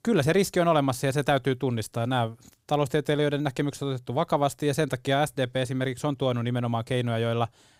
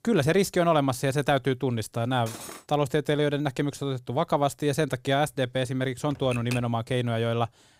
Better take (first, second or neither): first